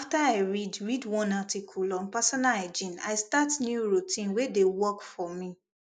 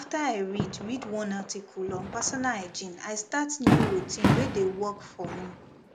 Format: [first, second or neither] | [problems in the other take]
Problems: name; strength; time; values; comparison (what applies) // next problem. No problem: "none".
first | background sound (Fireworks); 1 dB above the speech